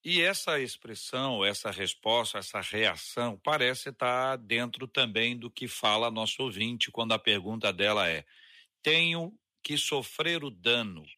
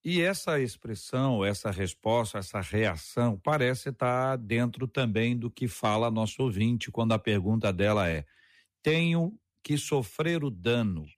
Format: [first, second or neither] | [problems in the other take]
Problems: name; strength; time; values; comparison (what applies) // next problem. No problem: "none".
second | thin; somewhat; fading below 650 Hz